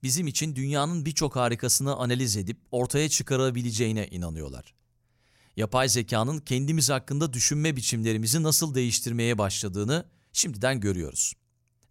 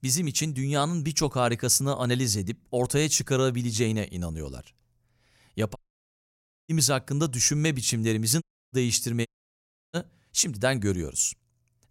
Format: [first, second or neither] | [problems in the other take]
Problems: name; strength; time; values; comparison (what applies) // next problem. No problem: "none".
first | audio cutting out; at 6 s for 1 s, at 8.5 s and at 9.5 s for 0.5 s